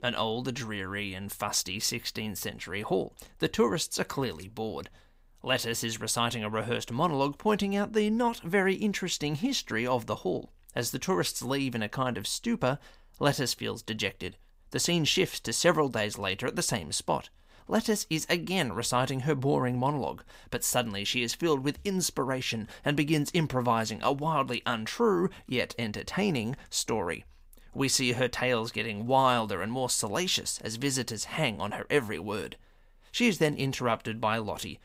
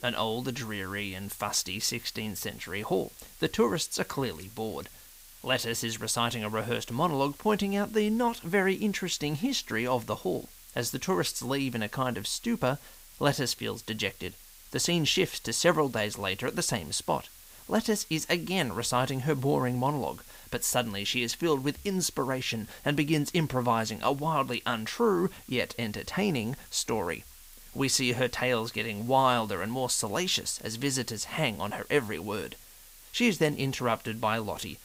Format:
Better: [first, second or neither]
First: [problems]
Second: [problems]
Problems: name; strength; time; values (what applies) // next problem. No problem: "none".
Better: first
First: none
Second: hiss; faint; throughout; 20 dB below the speech